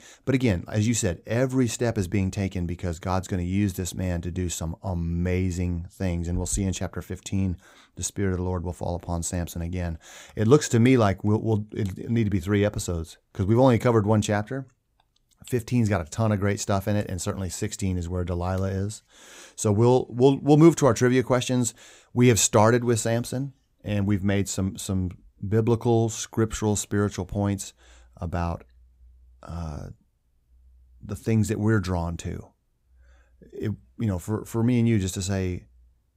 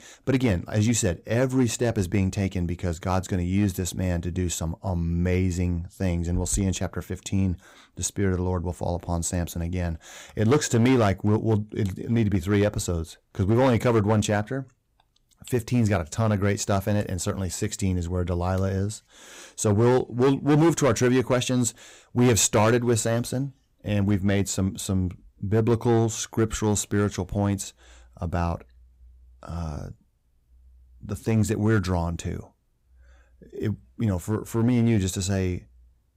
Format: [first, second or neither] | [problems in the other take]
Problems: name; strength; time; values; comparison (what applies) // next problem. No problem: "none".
first | distortion; slight; 4% of the sound clipped